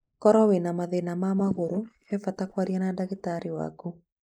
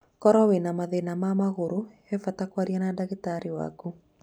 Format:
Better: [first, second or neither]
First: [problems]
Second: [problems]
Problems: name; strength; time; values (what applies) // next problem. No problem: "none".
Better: second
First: noise reduction (neural mask model Resemble Enhance denoiser)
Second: none